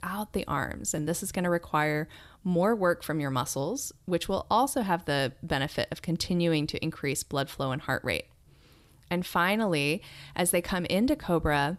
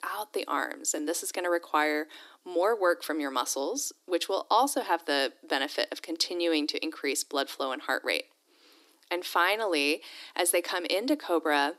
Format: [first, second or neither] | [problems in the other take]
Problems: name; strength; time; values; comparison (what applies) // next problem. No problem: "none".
first | thin; somewhat; fading below 300 Hz